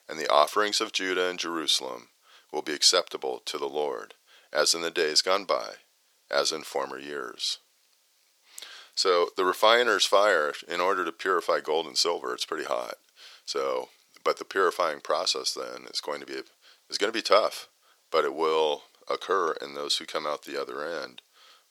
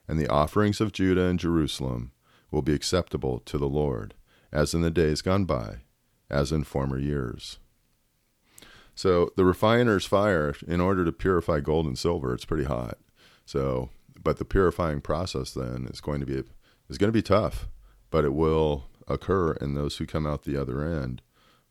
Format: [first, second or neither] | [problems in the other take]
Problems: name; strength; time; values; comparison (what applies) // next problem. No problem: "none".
second | thin; very; fading below 500 Hz